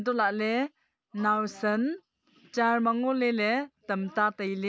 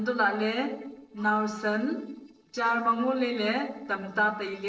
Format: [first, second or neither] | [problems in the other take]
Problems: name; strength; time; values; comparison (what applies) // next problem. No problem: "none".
first | noise reduction (neural separator model SepFormer DNS4)